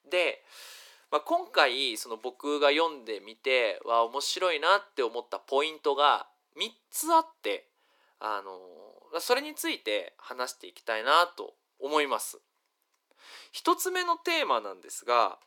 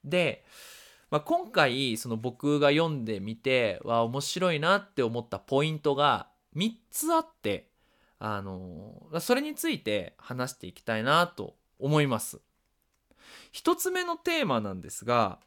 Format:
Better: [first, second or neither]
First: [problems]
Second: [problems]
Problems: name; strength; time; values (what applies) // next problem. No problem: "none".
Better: second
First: thin; very; fading below 350 Hz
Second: none